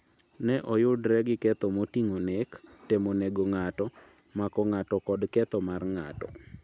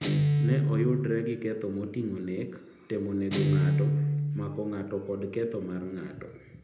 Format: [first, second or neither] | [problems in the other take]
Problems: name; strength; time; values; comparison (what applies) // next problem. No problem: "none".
first | background sound (Guitar); 3 dB above the speech // room echo; dies away in 0.8 s